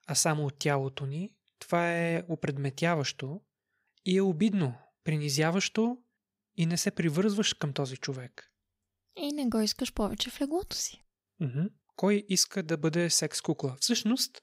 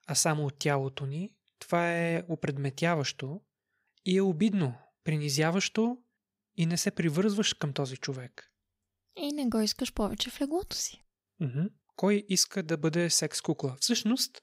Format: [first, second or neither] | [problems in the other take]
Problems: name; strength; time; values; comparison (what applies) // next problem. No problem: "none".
neither | none